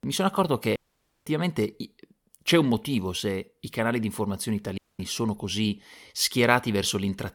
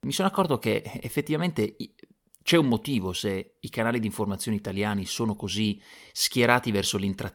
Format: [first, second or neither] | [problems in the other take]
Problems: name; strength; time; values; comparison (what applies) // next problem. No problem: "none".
second | audio cutting out; at 1 s for 0.5 s and at 5 s